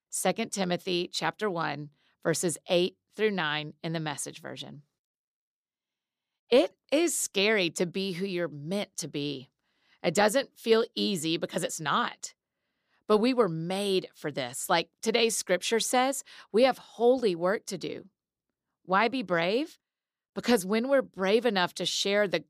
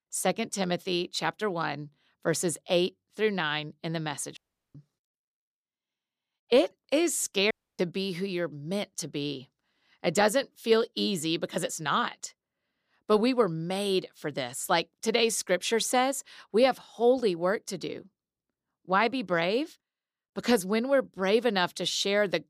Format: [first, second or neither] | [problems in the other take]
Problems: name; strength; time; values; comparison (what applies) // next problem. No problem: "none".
first | audio cutting out; at 4.5 s and at 7.5 s